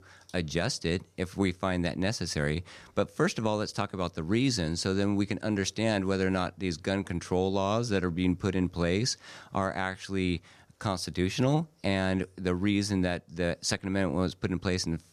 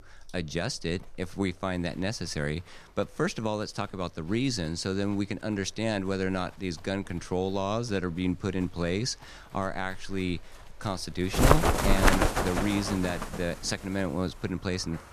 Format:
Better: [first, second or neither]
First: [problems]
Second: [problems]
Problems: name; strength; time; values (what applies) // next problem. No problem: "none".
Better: first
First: none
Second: animal sounds; very loud; throughout; 4 dB above the speech